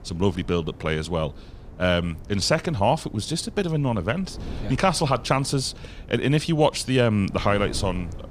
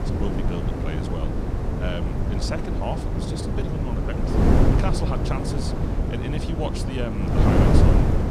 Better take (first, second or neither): first